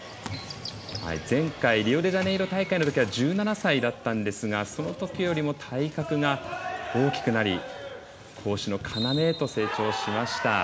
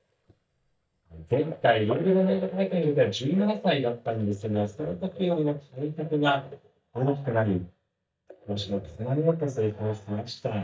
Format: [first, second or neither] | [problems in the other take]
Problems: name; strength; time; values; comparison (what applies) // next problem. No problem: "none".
first | noise reduction (neural mask model DeepFilterNet 3)